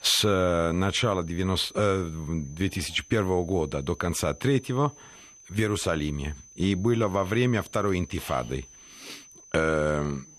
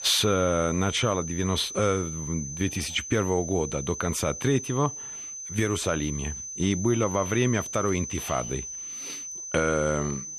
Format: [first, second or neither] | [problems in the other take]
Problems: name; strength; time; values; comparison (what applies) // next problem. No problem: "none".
first | high-pitched whine; loud; throughout; 6 kHz, 7 dB below the speech; faint in the first